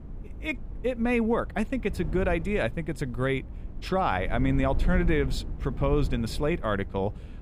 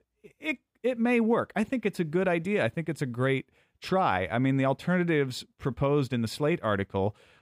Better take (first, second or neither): second